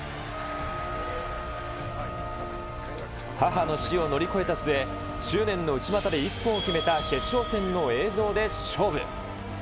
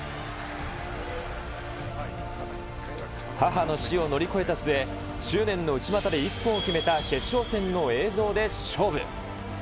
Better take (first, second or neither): second